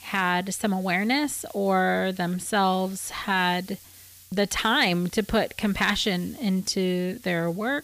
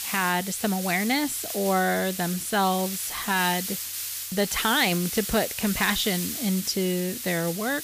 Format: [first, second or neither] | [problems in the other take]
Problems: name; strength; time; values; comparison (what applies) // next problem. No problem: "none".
first | hiss; loud; throughout; 5 dB below the speech; faint in the first